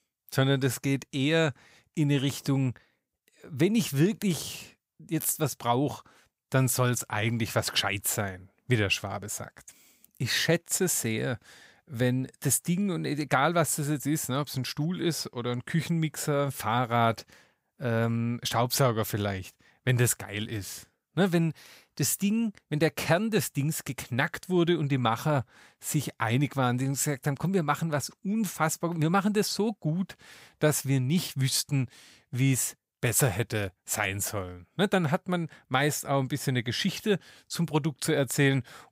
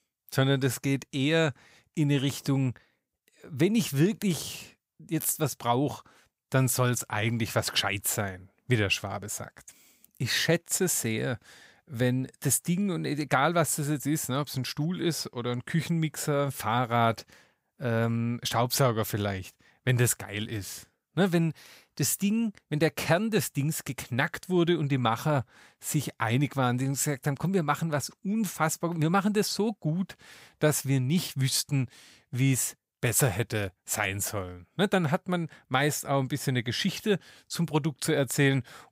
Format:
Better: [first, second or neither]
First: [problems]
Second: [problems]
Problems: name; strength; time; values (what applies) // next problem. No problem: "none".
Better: neither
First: none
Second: none